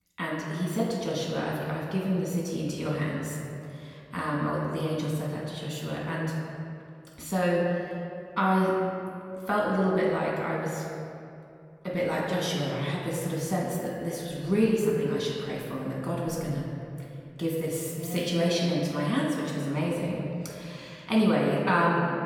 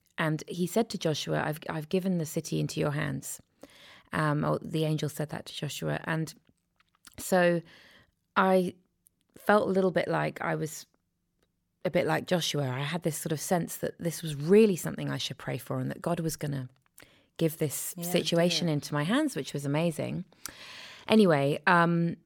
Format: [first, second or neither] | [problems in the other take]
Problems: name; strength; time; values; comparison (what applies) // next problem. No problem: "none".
second | off-mic speech; far // room echo; noticeable; dies away in 2.2 s